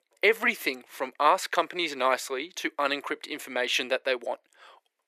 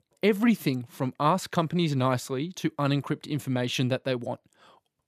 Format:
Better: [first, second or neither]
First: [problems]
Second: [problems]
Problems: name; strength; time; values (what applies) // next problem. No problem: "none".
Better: second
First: thin; very; fading below 400 Hz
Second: none